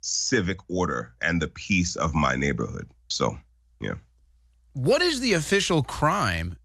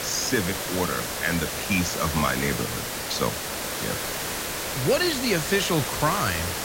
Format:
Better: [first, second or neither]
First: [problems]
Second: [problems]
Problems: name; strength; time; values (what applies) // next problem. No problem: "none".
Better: first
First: none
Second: hiss; loud; throughout; 2 dB below the speech